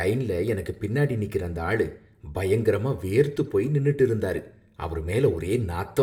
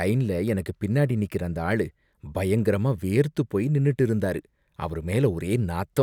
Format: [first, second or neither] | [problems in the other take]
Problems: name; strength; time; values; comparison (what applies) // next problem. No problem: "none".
second | room echo; dies away in 0.4 s